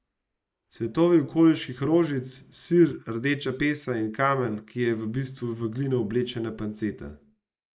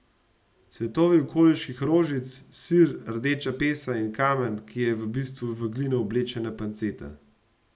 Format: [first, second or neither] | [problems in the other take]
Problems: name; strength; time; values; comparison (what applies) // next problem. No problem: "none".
second | noise reduction (neural mask model Resemble Enhance denoiser)